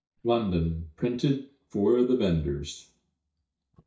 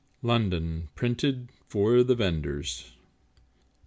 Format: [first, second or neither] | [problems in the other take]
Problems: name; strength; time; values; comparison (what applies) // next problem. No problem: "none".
second | noise reduction (neural mask model DeepFilterNet 3)